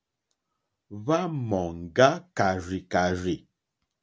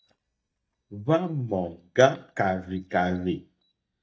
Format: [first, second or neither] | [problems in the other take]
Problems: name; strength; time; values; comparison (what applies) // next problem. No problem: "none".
first | noise reduction (neural mask model DeepFilterNet 3)